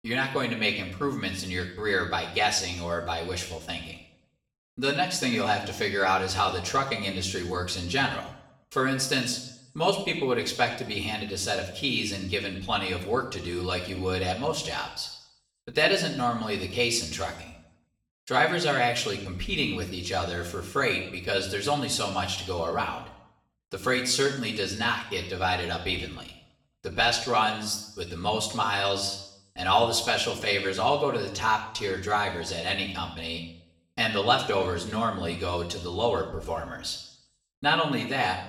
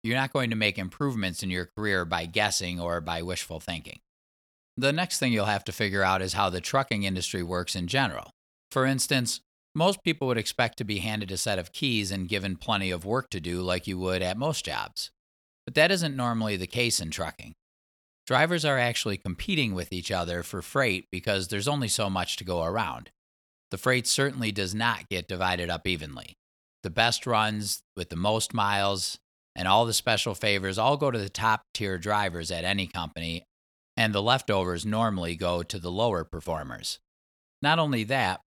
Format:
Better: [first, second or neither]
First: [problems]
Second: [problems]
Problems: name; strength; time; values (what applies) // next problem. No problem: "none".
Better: second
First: room echo; slight; dies away in 0.7 s // off-mic speech; far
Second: none